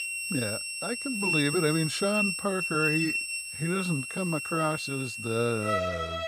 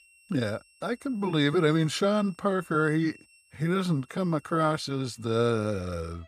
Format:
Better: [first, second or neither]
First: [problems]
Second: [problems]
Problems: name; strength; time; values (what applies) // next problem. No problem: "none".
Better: second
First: background music; loud; throughout; as loud as the speech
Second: background music; faint; throughout; 30 dB below the speech